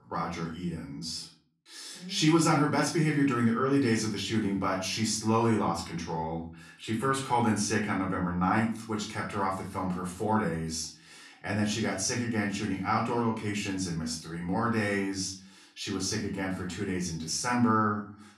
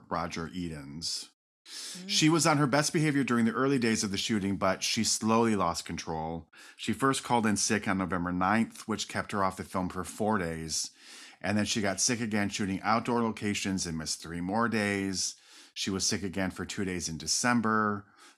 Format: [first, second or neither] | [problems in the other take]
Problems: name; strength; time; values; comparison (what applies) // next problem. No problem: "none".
second | off-mic speech; far // room echo; slight; dies away in 0.4 s